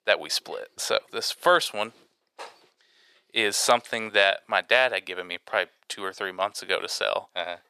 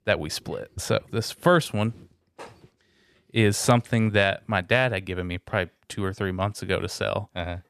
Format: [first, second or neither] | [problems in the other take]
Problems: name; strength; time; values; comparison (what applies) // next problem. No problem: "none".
second | thin; very; fading below 650 Hz